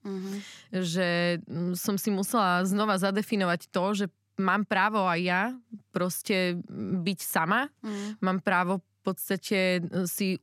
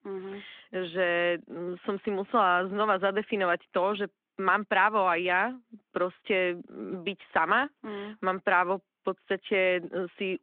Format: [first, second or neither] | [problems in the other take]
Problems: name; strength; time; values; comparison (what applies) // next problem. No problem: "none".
first | phone-call audio